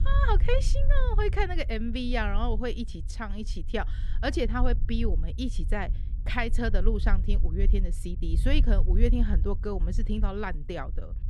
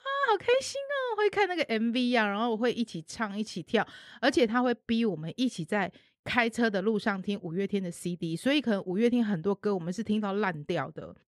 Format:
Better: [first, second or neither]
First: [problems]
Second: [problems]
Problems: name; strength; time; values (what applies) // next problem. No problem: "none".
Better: second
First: low rumble; noticeable; throughout; 15 dB below the speech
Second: none